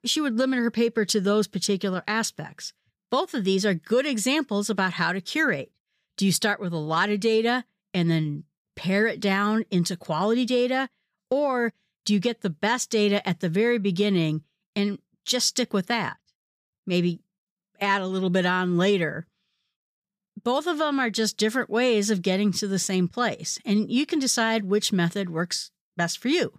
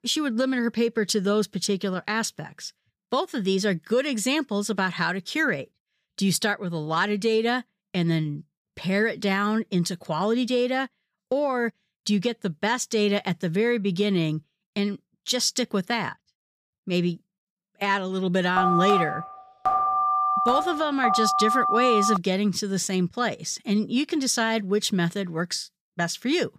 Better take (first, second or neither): first